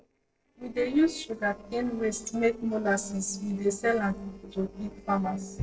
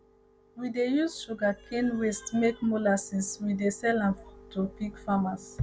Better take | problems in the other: second | noise reduction (neural separator model SepFormer DNS4)

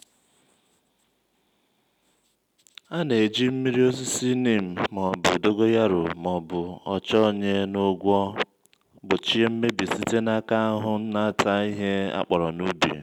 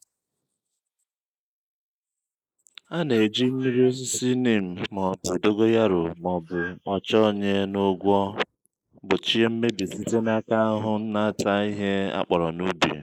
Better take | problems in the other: first | noise reduction (neural mask model Resemble Enhance denoiser)

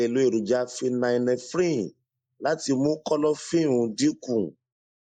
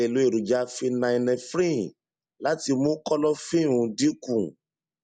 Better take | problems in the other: second | noise reduction (neural mask model Resemble Enhance denoiser)

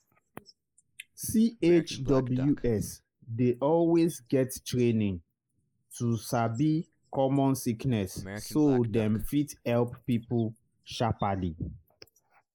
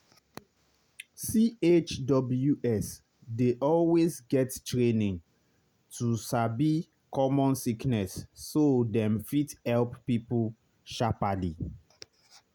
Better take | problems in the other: second | noise reduction (neural mask model Resemble Enhance denoiser)

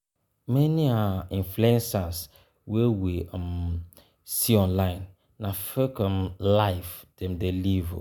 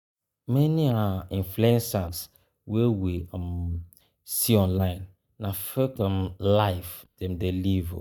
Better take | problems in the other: first | noise reduction (neural mask model DeepFilterNet 3)

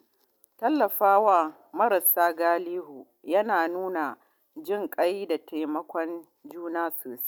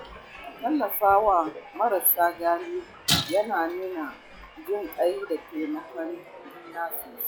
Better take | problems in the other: first | noise reduction (classical method log-MMSE)

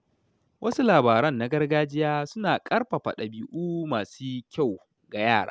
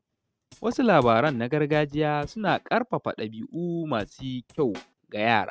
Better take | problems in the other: first | noise reduction (neural mask model RNNoise)

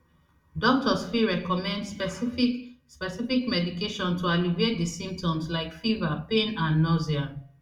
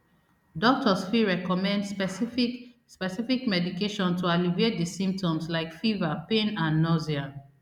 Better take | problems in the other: second | room echo; dies away in 0.2 s

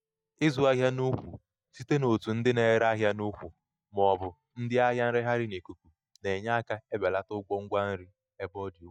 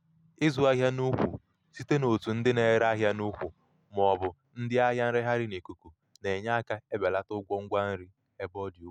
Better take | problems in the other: second | noise reduction (neural mask model DeepFilterNet 3)

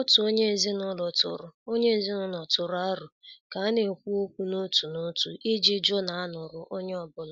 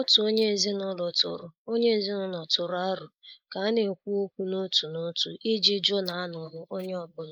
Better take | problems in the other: first | noise reduction (neural mask model Resemble Enhance denoiser)

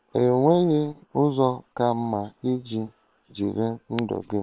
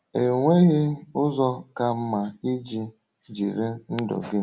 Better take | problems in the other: second | noise reduction (neural separator model SepFormer WHAM!)

